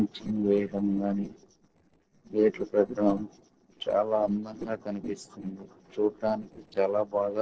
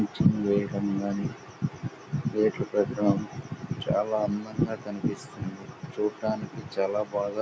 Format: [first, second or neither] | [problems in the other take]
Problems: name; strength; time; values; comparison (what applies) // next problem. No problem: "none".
second | noise reduction (neural separator model SepFormer DNS4)